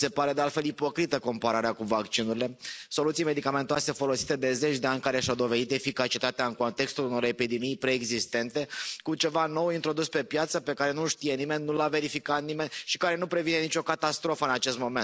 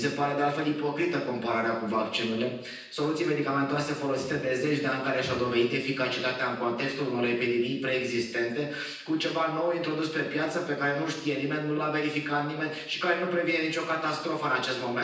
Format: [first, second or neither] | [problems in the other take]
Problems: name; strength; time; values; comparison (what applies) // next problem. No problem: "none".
first | room echo; dies away in 0.9 s